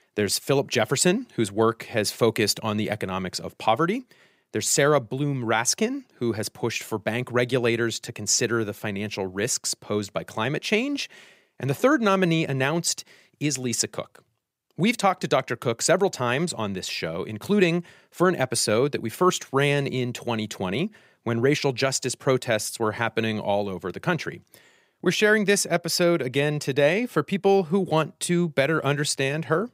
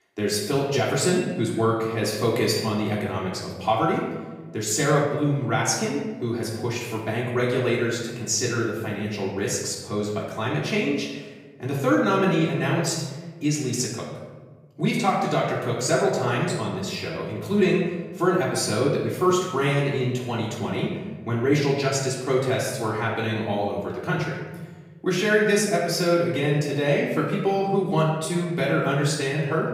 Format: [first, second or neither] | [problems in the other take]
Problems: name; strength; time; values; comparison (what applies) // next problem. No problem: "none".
first | off-mic speech; far // room echo; noticeable; dies away in 1.3 s